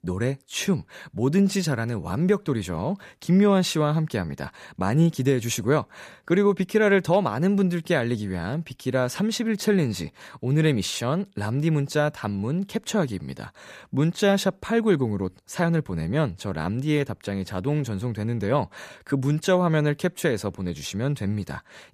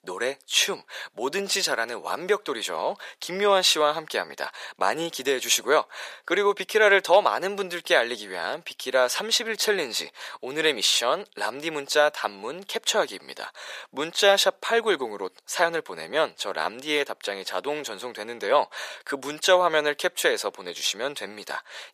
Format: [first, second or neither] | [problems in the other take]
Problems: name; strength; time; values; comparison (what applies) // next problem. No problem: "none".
first | thin; very; fading below 500 Hz